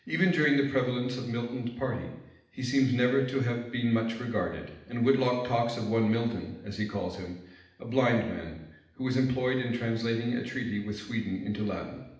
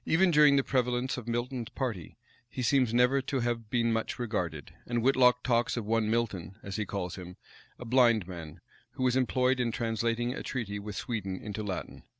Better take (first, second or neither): second